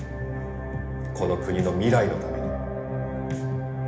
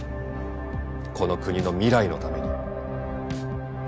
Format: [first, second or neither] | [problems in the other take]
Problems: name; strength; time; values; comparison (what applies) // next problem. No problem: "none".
second | room echo; dies away in 1 s